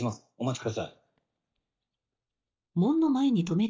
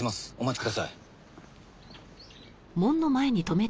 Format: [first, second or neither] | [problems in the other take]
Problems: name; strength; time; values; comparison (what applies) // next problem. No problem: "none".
second | noise reduction (neural mask model DeepFilterNet 3)